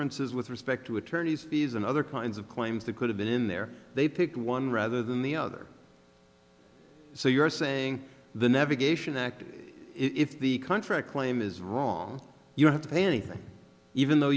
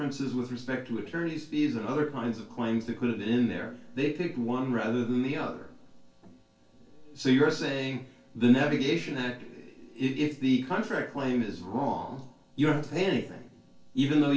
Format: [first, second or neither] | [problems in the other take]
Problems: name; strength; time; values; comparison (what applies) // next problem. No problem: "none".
first | noise reduction (neural separator model SepFormer DNS4)